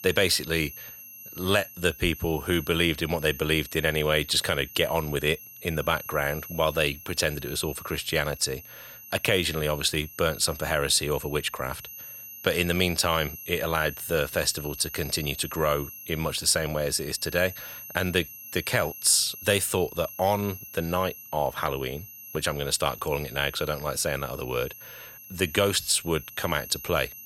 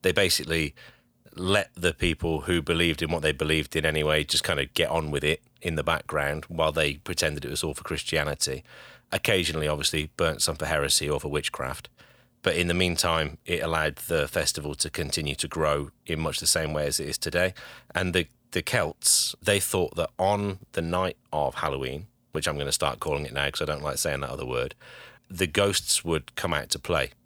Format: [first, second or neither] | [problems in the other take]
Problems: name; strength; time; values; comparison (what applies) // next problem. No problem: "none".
second | high-pitched whine; noticeable; throughout; 12 kHz, 15 dB below the speech